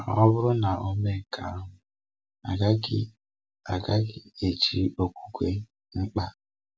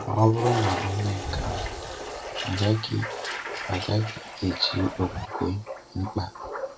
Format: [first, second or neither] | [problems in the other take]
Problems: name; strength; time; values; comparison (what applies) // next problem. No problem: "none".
first | background sound (Zipper (clothing) + Toilet flush); 6 dB below the speech